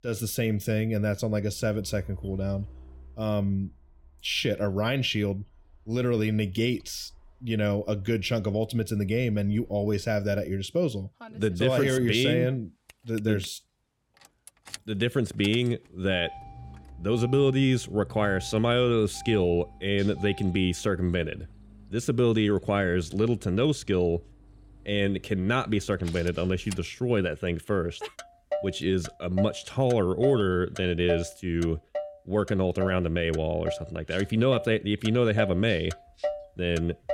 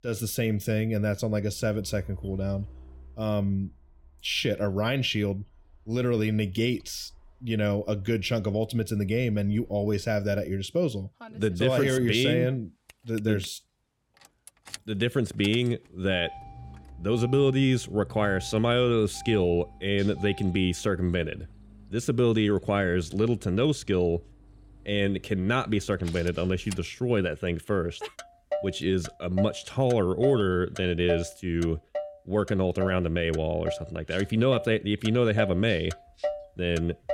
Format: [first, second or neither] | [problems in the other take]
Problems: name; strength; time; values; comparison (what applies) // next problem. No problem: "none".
neither | traffic noise; noticeable; throughout; 15 dB below the speech; the same in both